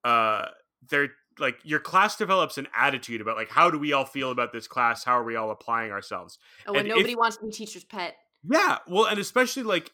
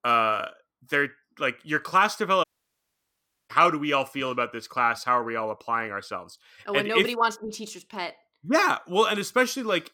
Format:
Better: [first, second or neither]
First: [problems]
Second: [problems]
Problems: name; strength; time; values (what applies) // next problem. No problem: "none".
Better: first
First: none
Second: audio cutting out; at 2.5 s for 1 s